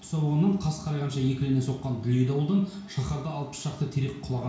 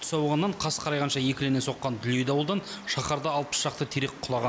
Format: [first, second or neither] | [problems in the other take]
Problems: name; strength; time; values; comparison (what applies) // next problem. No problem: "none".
second | room echo; dies away in 0.6 s